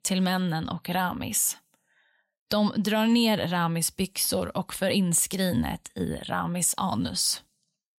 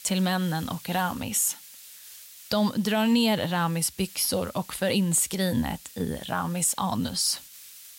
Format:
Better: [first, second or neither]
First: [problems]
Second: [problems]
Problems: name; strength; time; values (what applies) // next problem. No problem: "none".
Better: first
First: none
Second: hiss; noticeable; throughout; 20 dB below the speech